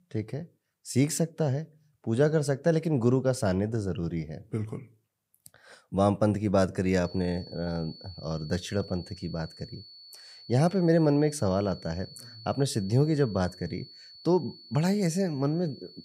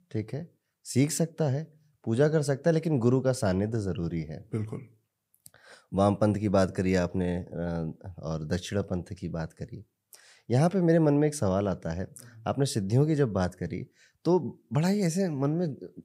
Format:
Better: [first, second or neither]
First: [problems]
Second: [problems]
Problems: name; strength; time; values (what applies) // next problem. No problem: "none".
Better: second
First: high-pitched whine; noticeable; from 7 s on; 4.5 kHz, 20 dB below the speech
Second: none